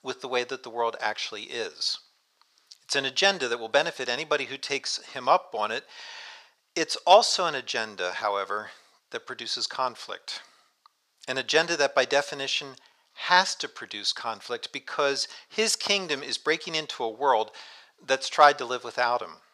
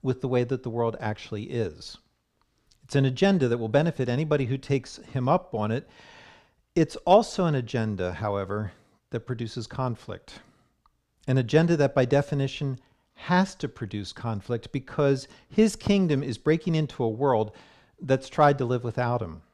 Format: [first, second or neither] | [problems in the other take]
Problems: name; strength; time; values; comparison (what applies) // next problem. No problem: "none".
second | thin; very; fading below 850 Hz